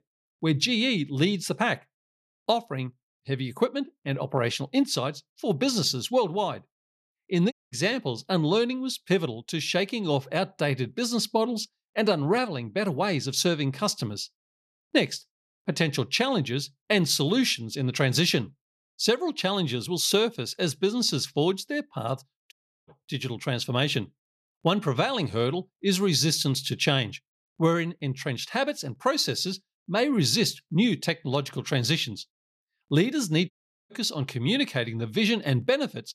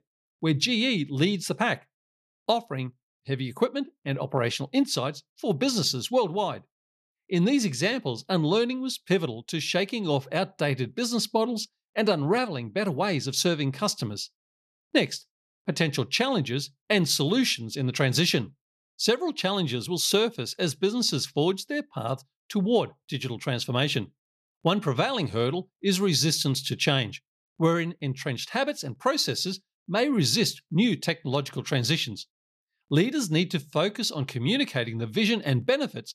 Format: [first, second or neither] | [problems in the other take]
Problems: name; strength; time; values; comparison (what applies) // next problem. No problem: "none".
second | audio cutting out; at 7.5 s, at 23 s and at 34 s